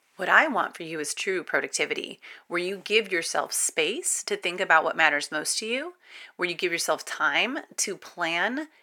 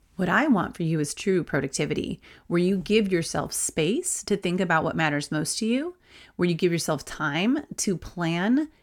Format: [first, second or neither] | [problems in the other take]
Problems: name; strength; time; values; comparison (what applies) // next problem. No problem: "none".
second | thin; very; fading below 600 Hz